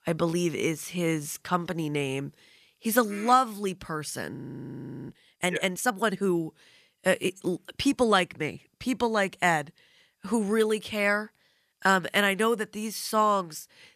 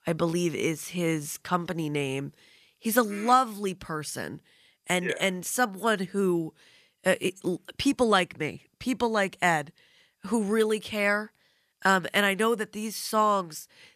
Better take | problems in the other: second | audio freezing; at 4.5 s for 0.5 s

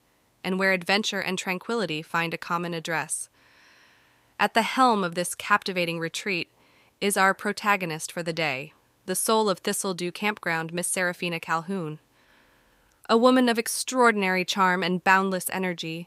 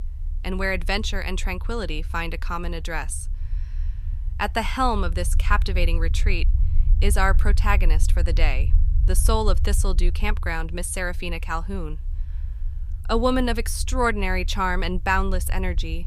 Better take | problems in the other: first | low rumble; faint; throughout; 20 dB below the speech

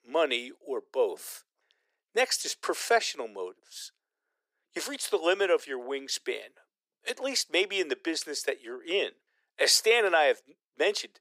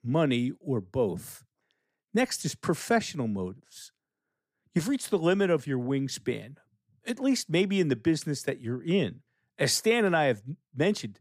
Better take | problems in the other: second | thin; very; fading below 400 Hz

